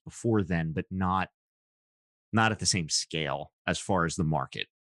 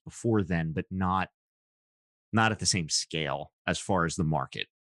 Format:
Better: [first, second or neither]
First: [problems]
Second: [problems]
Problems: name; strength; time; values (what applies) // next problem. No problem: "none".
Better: neither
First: none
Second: none